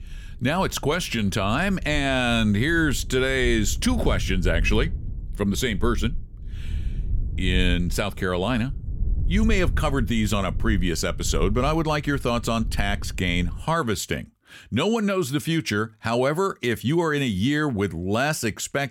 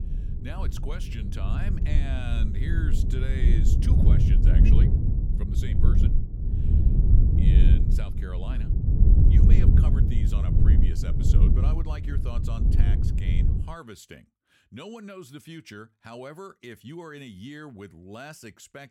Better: first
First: wind noise on the microphone; occasional gusts; until 14 s; 25 dB below the speech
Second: wind noise on the microphone; heavy; until 14 s; 3 dB above the speech

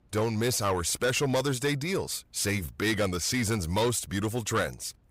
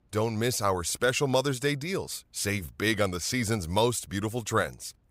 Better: second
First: distortion; slight; 10 dB below the speech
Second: none

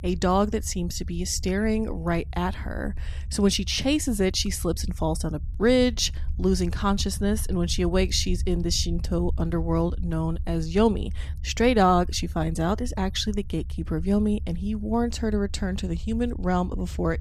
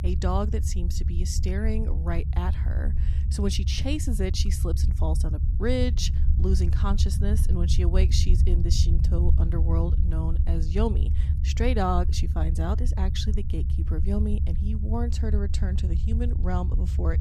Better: first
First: low rumble; faint; throughout; 25 dB below the speech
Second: low rumble; loud; throughout; 9 dB below the speech

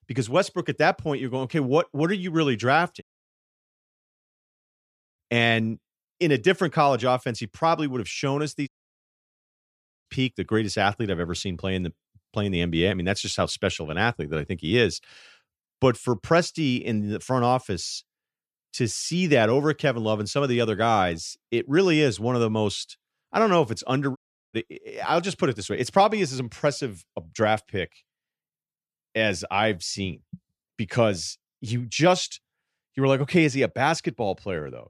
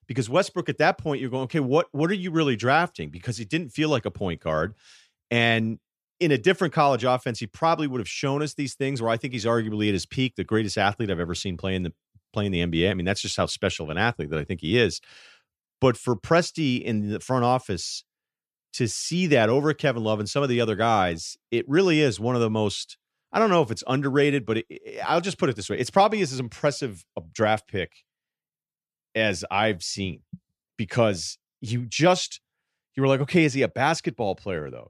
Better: second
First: audio cutting out; at 3 s for 2 s, at 8.5 s for 1.5 s and at 24 s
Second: none

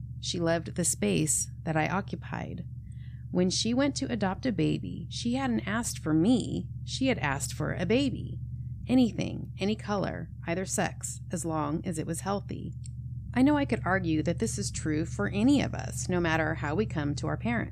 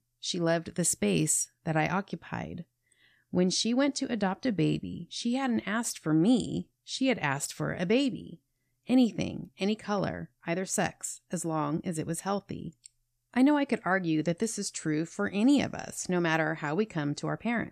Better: second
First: low rumble; faint; throughout; 20 dB below the speech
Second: none

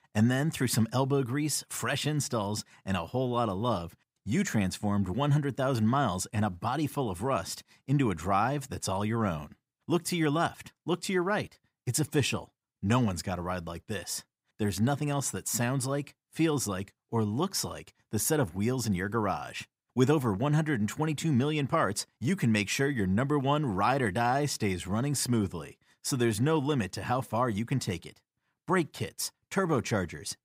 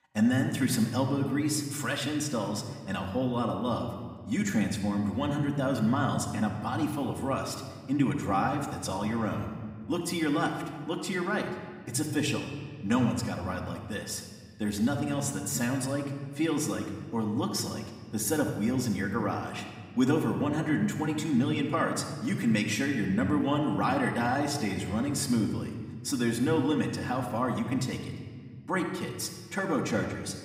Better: first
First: none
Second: room echo; slight; dies away in 1.5 s // off-mic speech; somewhat distant

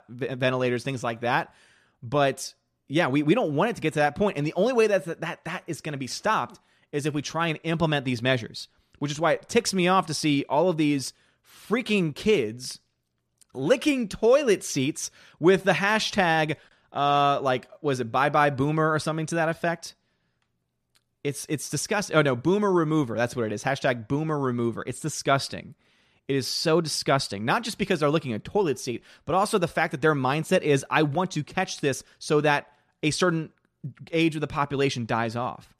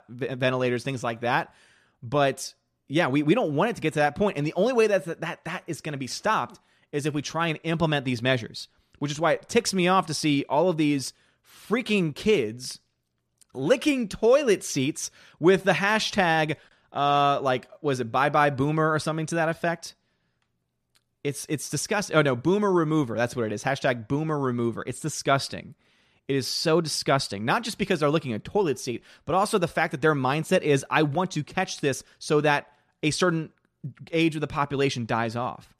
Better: neither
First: none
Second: none

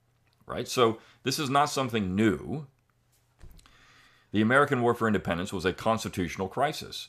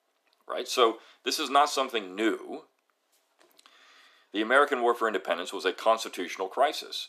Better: first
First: none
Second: thin; somewhat; fading below 300 Hz

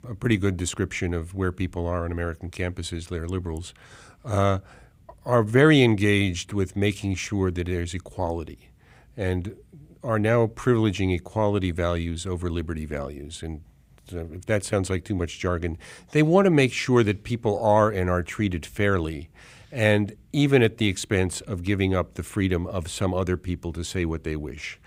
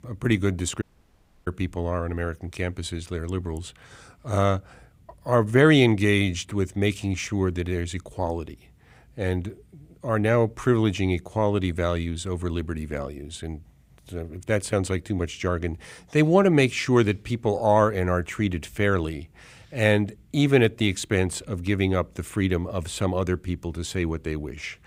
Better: first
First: none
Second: audio cutting out; at 1 s for 0.5 s

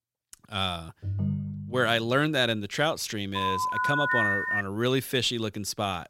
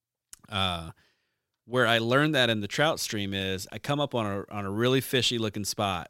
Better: second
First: phone ringing; noticeable; at 1 s; peak 2 dB below the speech // phone ringing; loud; from 3.5 to 4.5 s; peak 4 dB above the speech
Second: none

